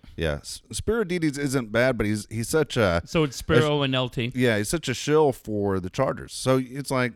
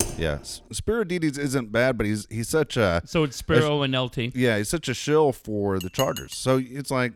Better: first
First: none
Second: keyboard typing; noticeable; at the start; peak 4 dB below the speech // clattering dishes; noticeable; at 6 s; peak 8 dB below the speech

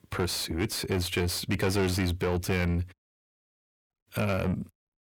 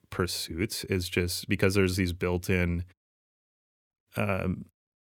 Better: second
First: distortion; heavy; 7 dB below the speech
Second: none

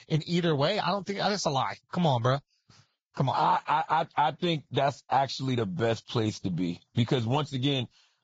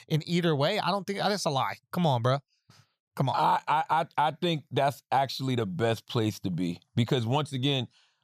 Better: second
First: garbled, watery; badly; nothing above 7.5 kHz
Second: none

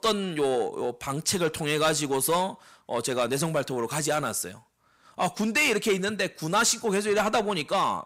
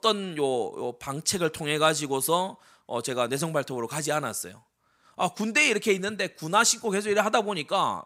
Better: second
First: distortion; slight; 10 dB below the speech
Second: none

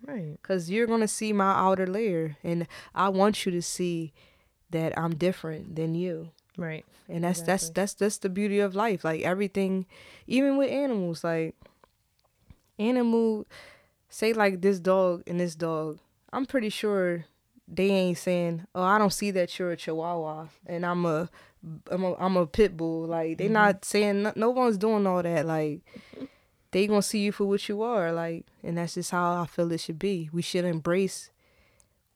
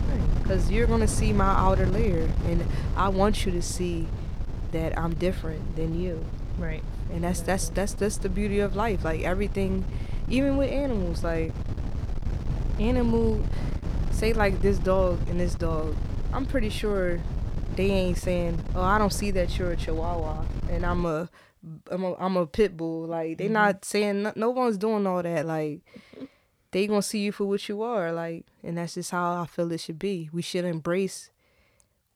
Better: first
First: none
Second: wind noise on the microphone; occasional gusts; until 21 s; 15 dB below the speech

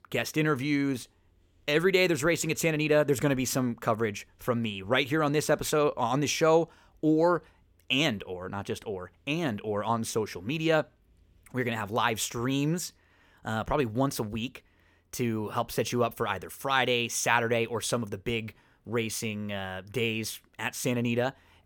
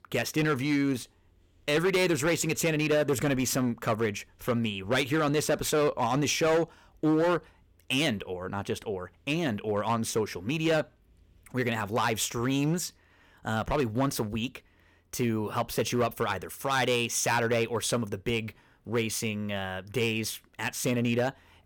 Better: first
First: none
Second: distortion; slight; 6% of the sound clipped

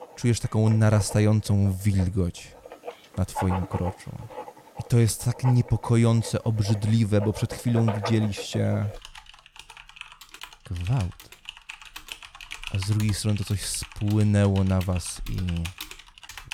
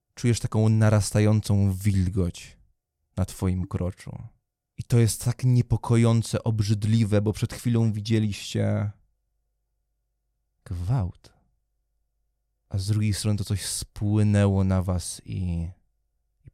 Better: second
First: household noises; noticeable; throughout; 15 dB below the speech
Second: none

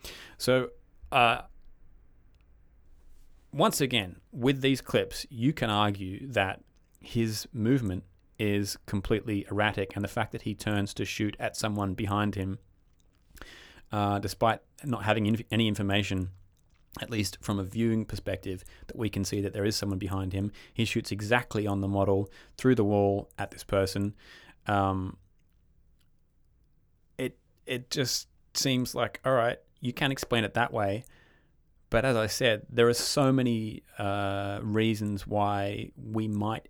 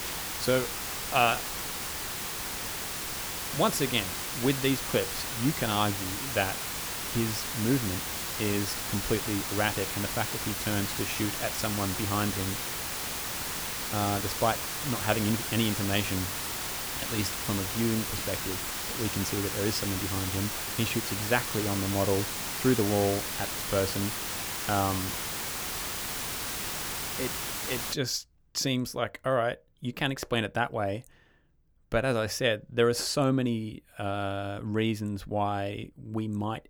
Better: first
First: none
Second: hiss; loud; until 28 s; 1 dB below the speech

